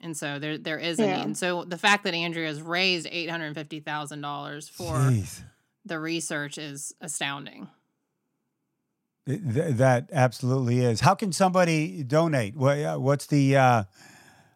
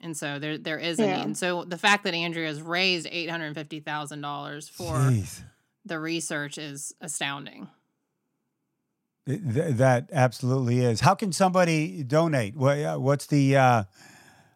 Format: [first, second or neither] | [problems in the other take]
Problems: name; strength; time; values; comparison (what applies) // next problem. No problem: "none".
neither | none